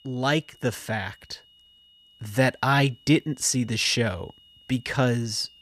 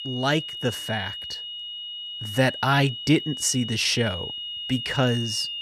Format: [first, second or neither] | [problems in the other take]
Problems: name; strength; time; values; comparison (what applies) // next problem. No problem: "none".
first | high-pitched whine; loud; throughout; 3 kHz, 7 dB below the speech; faint in the first